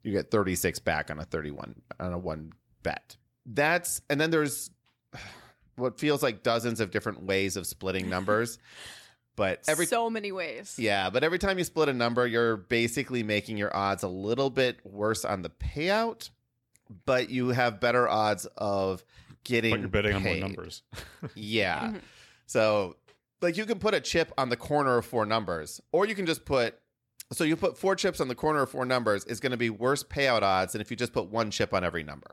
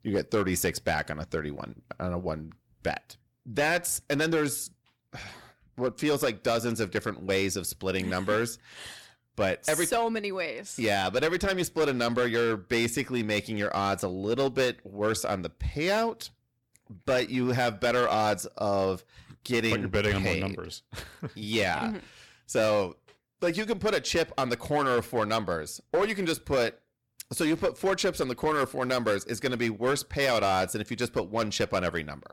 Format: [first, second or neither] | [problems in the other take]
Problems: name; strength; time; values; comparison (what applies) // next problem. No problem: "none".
first | distortion; slight; 6% of the sound clipped